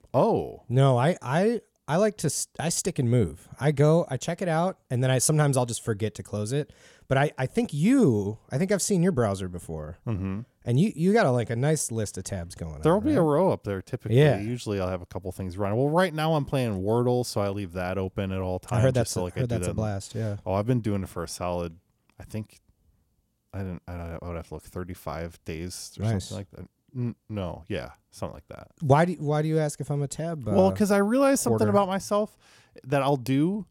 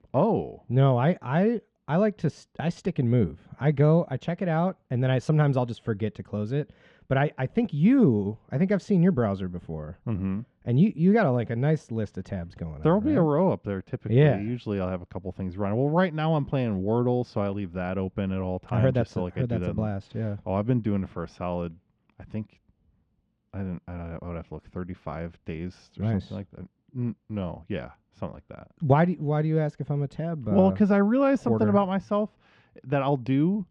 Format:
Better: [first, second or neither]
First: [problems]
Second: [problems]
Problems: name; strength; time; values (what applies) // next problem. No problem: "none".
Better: first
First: none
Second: muffled; very; fading above 3 kHz